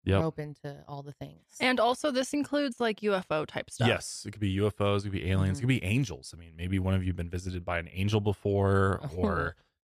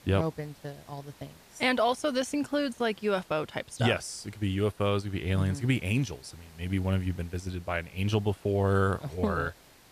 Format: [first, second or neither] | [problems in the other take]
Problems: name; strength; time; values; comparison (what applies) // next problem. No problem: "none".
first | hiss; faint; throughout; 25 dB below the speech